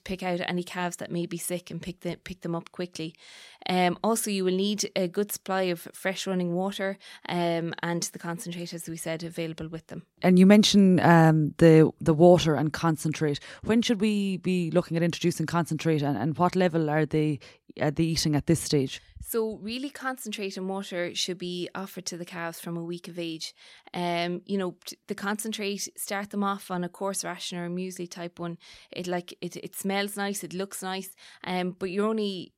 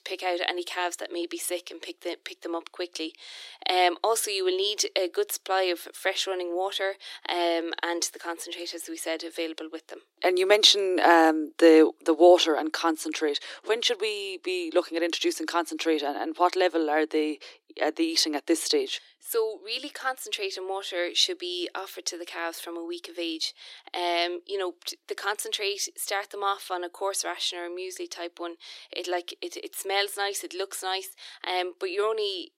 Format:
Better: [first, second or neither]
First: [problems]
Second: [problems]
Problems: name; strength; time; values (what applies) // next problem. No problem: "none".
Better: first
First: none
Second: thin; very; fading below 300 Hz